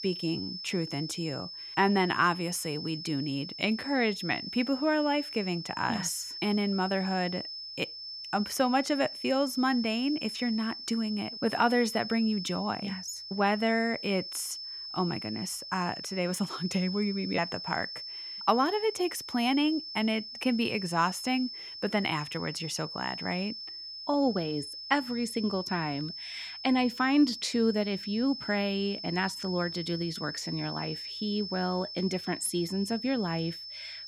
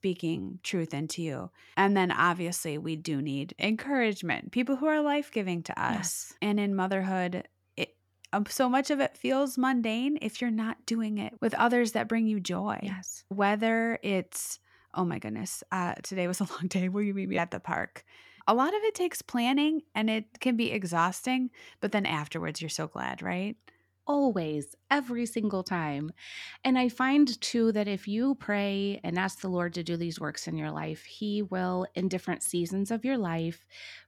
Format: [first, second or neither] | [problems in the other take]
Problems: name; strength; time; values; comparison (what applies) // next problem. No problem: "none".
second | high-pitched whine; loud; throughout; 5.5 kHz, 8 dB below the speech